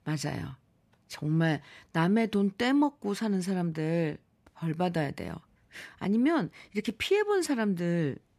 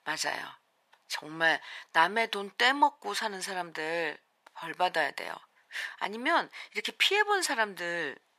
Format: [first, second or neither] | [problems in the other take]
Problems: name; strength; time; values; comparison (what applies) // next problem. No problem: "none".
first | thin; very; fading below 800 Hz